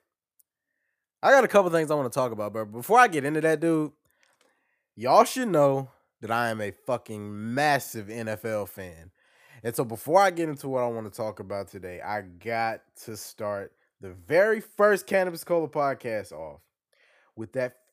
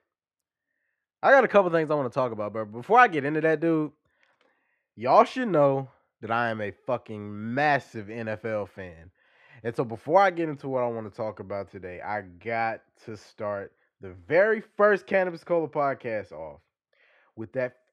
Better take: first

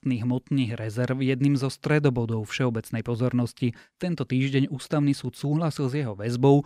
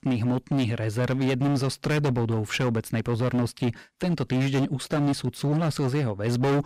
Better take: first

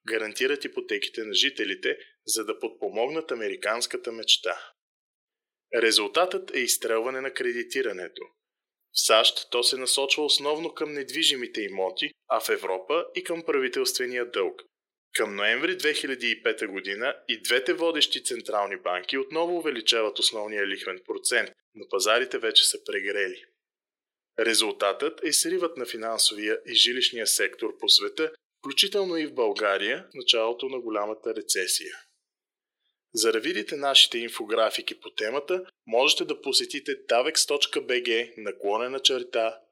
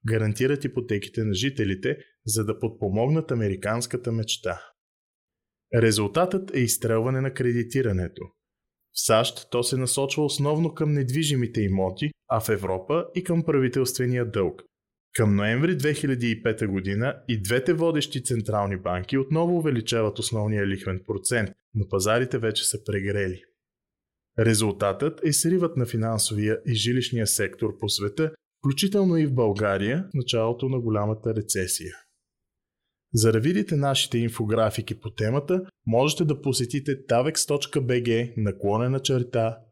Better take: second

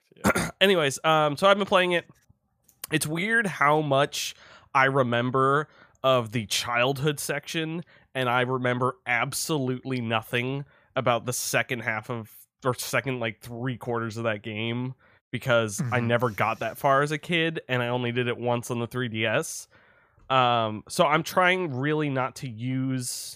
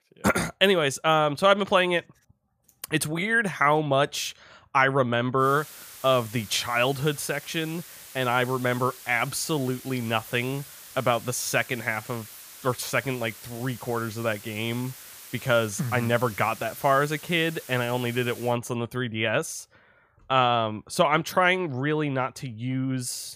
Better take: first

